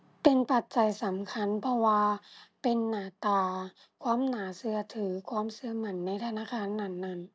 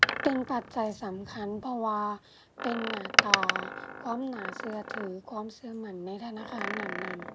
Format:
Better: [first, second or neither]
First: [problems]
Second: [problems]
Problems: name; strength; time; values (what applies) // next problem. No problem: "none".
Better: first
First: none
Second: background sound (Door); 2 dB above the speech